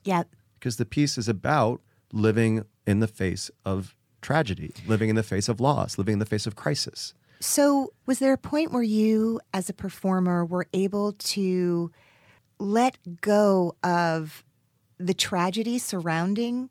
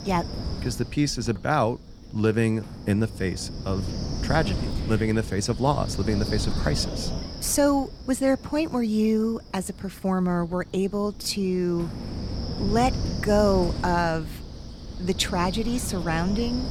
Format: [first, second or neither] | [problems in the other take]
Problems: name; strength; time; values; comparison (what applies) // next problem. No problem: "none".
first | wind noise on the microphone; occasional gusts; 10 dB below the speech